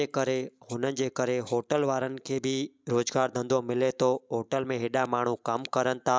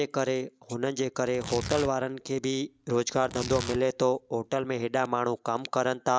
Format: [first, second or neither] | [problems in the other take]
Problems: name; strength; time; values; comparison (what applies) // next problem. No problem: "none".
first | background sound (Tearing); 13 dB below the speech